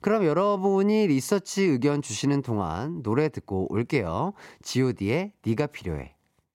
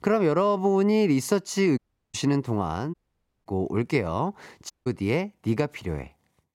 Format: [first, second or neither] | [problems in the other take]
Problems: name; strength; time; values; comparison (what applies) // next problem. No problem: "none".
first | audio cutting out; at 2 s, at 3 s for 0.5 s and at 4.5 s